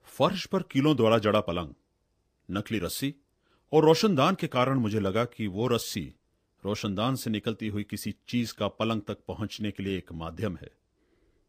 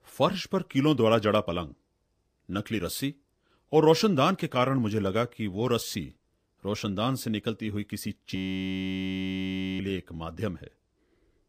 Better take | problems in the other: first | audio freezing; at 8.5 s for 1.5 s

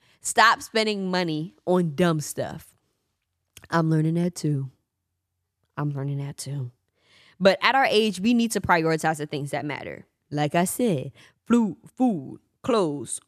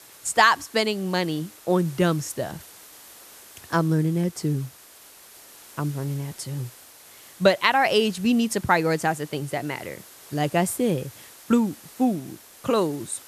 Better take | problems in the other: first | hiss; faint; throughout; 20 dB below the speech

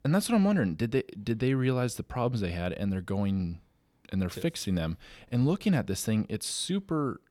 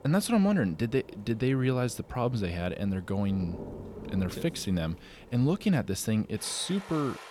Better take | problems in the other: first | rain or running water; noticeable; throughout; 15 dB below the speech

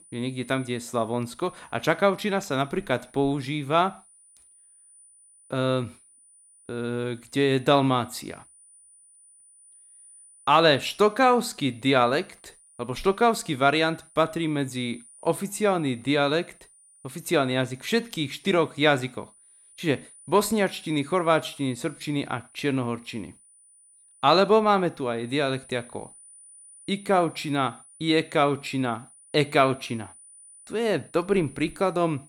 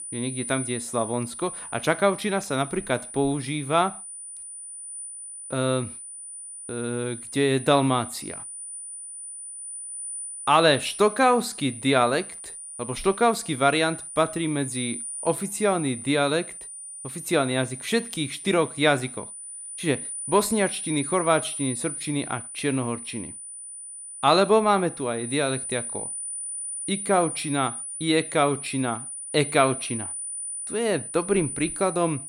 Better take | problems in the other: first | high-pitched whine; loud; throughout; 9.5 kHz, 9 dB below the speech; faint in the first

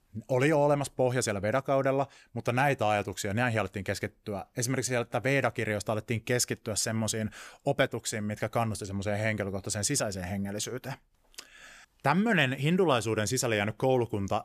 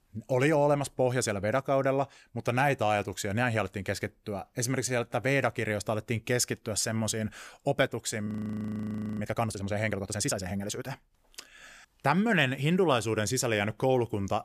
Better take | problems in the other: first | audio freezing; at 8.5 s for 1 s

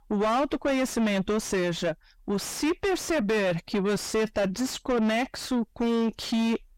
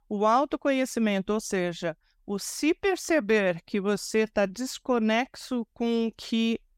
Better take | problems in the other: second | distortion; heavy; 6 dB below the speech

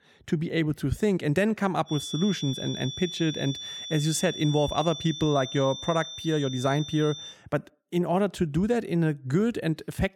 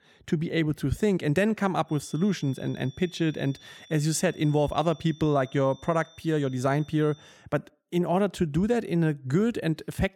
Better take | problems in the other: second | high-pitched whine; loud; from 2 to 7.5 s; 3.5 kHz, 9 dB below the speech; faint in the second

